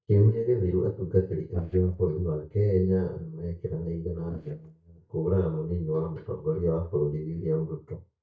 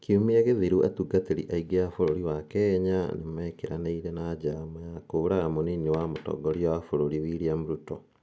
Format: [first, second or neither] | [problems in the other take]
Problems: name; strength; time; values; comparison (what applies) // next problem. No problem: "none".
second | noise reduction (neural mask model DeepFilterNet 3)